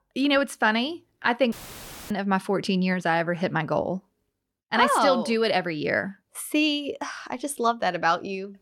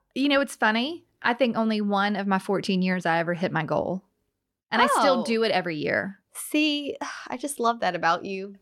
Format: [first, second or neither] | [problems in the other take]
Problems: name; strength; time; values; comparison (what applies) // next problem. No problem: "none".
second | audio cutting out; filled with static; at 1.5 s for 0.5 s